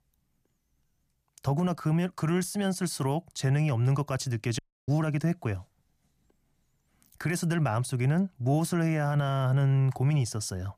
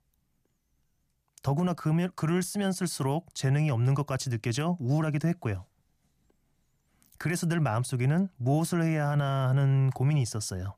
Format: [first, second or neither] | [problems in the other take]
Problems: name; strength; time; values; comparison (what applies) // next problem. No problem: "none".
second | audio cutting out; at 4.5 s